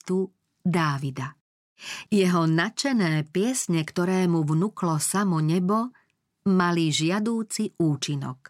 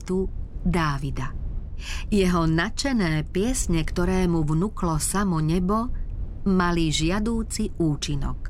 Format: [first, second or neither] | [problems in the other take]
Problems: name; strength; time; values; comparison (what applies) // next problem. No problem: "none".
first | low rumble; faint; throughout; 25 dB below the speech